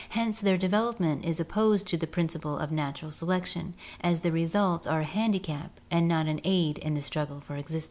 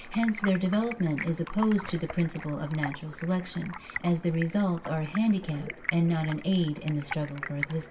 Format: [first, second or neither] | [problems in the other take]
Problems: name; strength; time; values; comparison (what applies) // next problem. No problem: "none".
first | background sound (Stream); 12 dB below the speech // room echo; dies away in 0.2 s